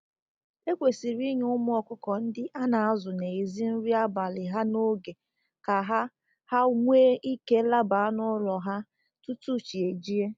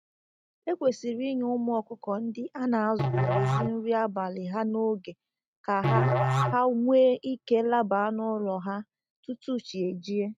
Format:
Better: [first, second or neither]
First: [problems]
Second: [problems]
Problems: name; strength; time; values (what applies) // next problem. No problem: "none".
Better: first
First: none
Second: noise reduction (neural mask model RNNoise)